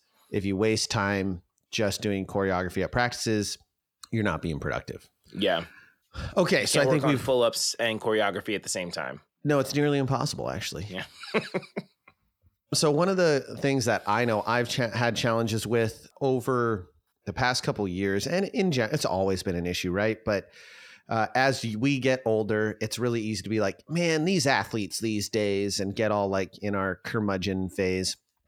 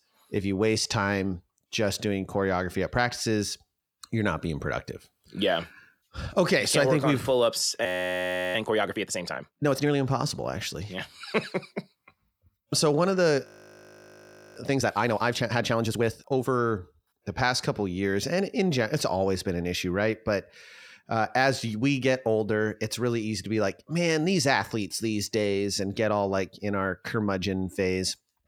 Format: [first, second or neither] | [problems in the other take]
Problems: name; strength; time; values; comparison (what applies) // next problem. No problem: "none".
first | audio freezing; at 8 s for 0.5 s and at 13 s for 1 s